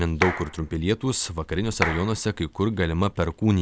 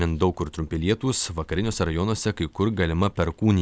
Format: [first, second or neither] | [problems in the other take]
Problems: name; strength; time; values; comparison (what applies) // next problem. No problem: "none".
second | background sound (Clapping); 9 dB below the speech